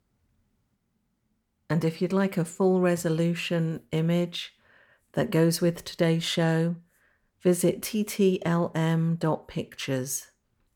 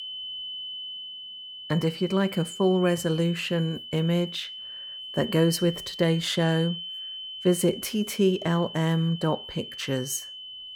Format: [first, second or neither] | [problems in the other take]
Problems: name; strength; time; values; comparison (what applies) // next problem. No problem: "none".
first | high-pitched whine; noticeable; throughout; 3 kHz, 10 dB below the speech